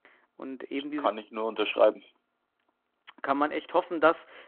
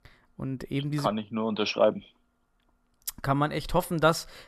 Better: second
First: phone-call audio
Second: none

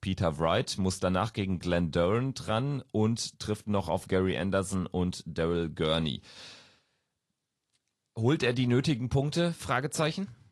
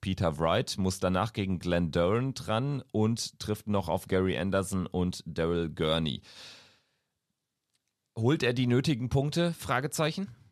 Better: second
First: garbled, watery; slightly; nothing above 11.5 kHz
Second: none

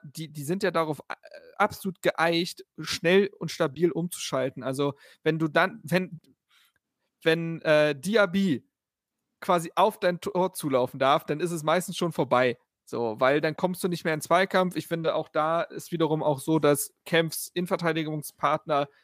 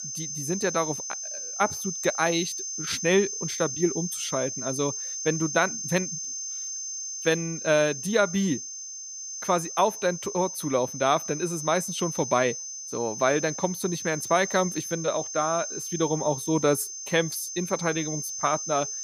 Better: first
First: none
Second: high-pitched whine; loud; throughout; 6.5 kHz, 5 dB below the speech

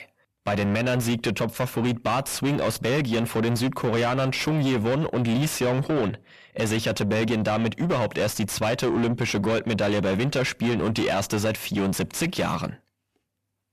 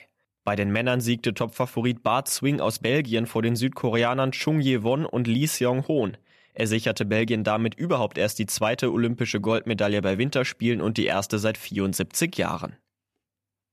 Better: second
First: distortion; heavy; 7 dB below the speech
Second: none

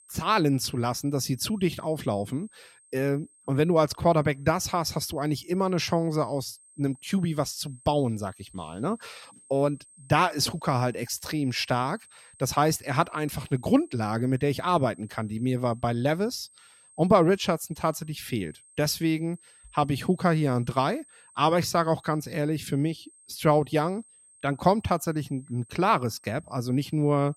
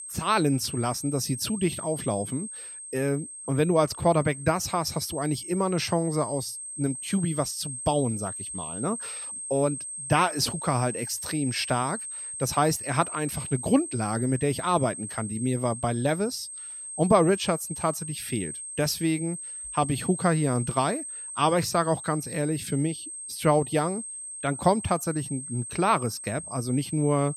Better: first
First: high-pitched whine; faint; throughout; 8.5 kHz, 25 dB below the speech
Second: high-pitched whine; loud; throughout; 8.5 kHz, 8 dB below the speech

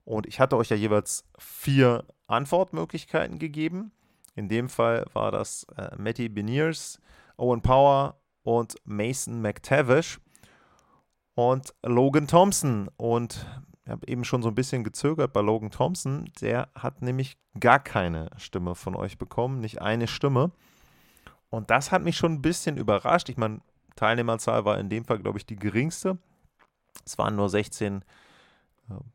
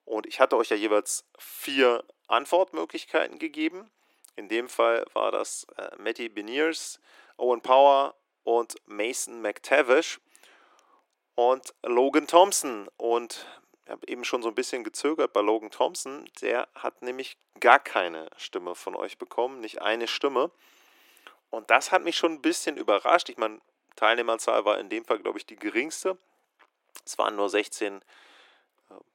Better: first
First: none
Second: thin; somewhat; fading below 300 Hz

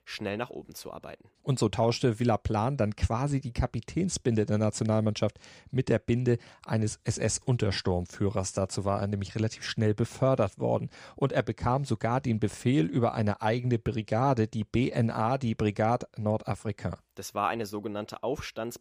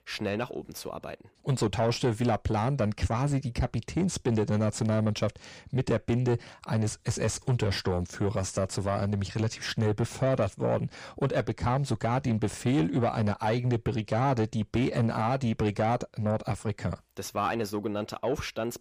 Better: first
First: none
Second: distortion; slight; 9 dB below the speech

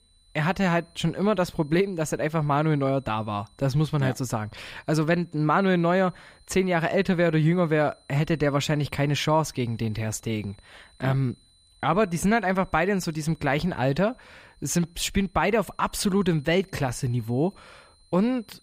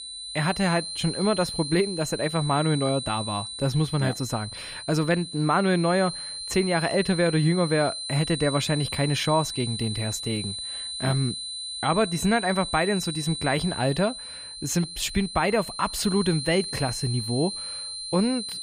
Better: first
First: high-pitched whine; faint; throughout; 4 kHz, 35 dB below the speech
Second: high-pitched whine; loud; throughout; 4 kHz, 7 dB below the speech

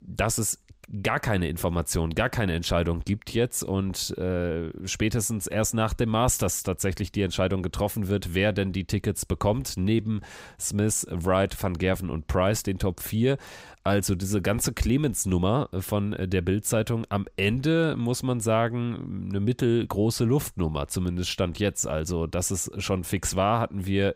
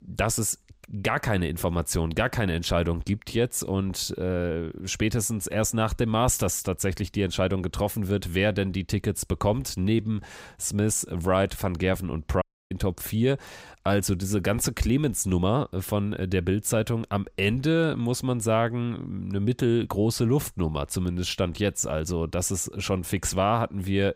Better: first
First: none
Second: audio cutting out; at 12 s

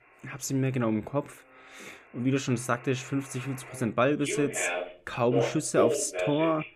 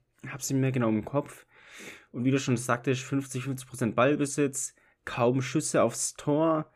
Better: second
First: alarms or sirens; loud; throughout; 2 dB below the speech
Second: none

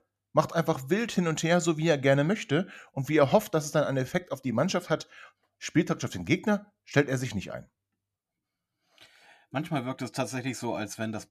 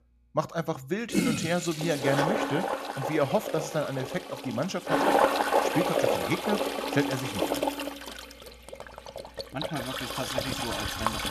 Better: first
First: none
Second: household noises; very loud; throughout; 2 dB above the speech

